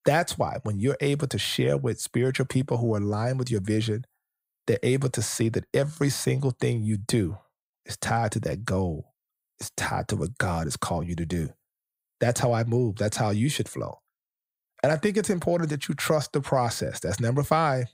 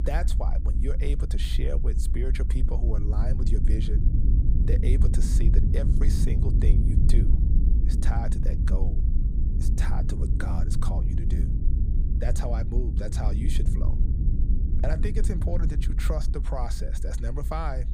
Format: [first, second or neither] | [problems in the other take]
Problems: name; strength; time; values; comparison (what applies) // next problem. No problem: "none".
first | low rumble; loud; throughout; 4 dB below the speech